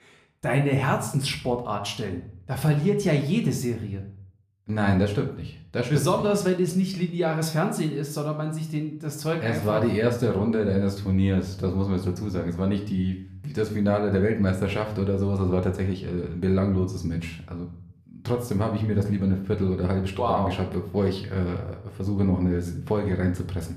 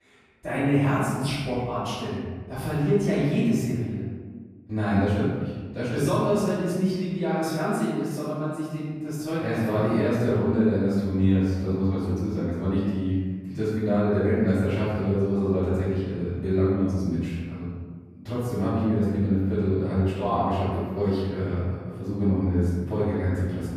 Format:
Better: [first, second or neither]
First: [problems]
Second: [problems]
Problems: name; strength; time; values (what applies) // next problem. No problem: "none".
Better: first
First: room echo; slight; dies away in 0.4 s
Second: room echo; strong; dies away in 1.4 s // off-mic speech; far